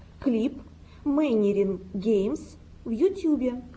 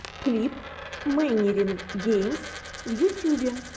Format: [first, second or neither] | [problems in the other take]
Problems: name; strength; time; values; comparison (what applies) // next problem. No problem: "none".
first | background sound (Coin (dropping)); 13 dB below the speech